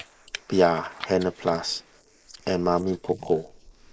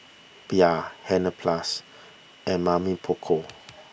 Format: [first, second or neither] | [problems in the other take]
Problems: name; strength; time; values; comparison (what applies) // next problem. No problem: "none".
second | noise reduction (neural mask model Resemble Enhance denoiser)